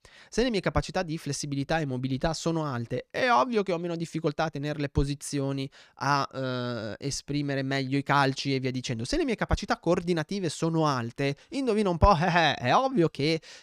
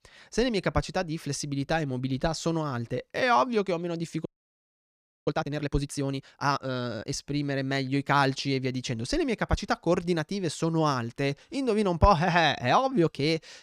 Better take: first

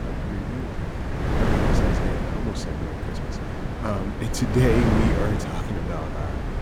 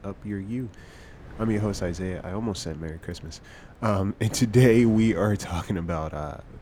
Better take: second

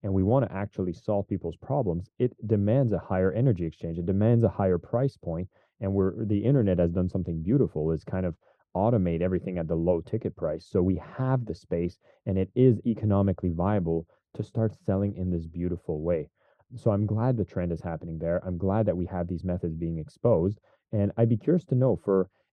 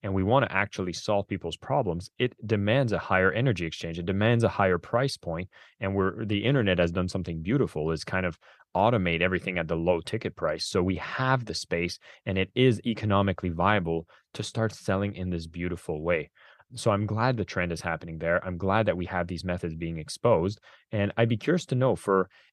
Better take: second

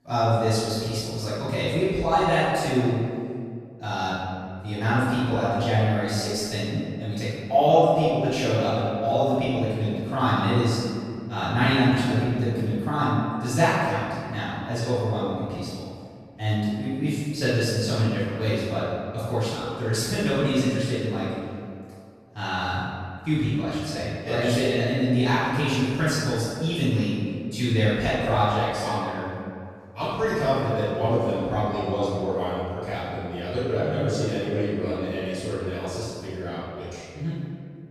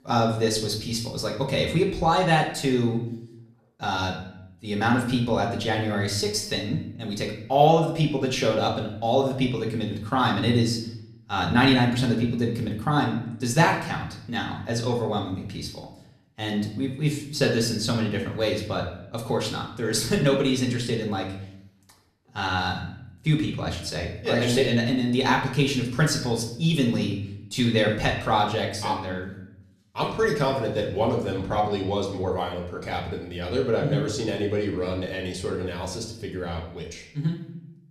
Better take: second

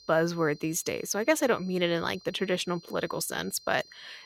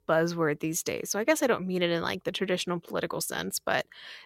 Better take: second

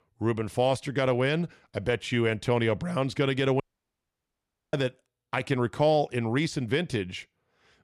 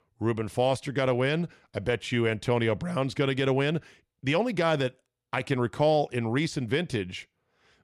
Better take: second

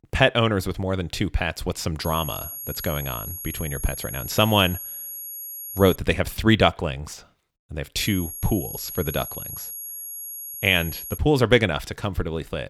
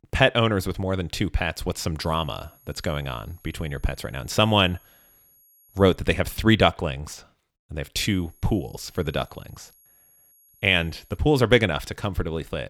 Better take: second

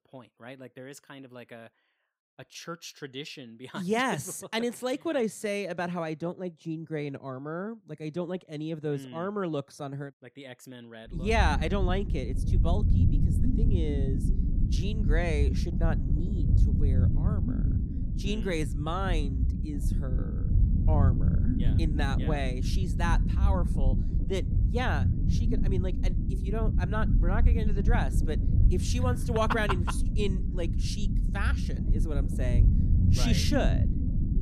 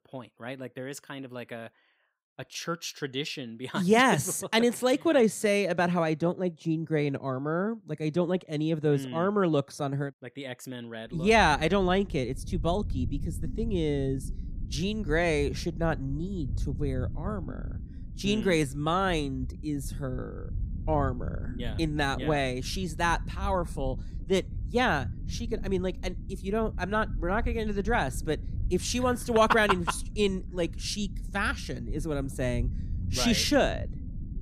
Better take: second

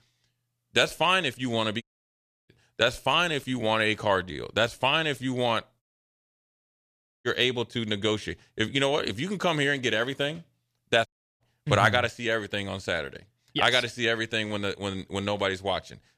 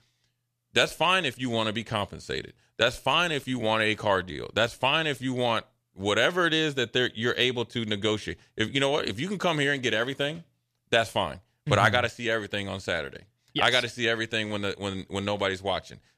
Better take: second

